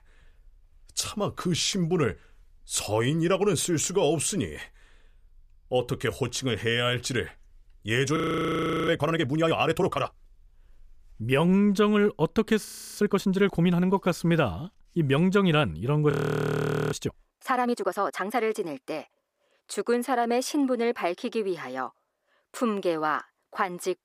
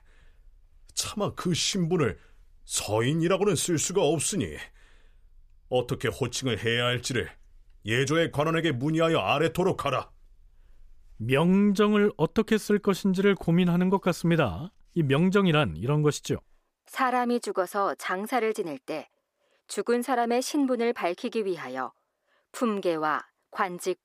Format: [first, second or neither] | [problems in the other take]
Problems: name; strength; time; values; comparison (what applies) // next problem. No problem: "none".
second | audio freezing; at 8 s for 0.5 s, at 13 s and at 16 s for 1 s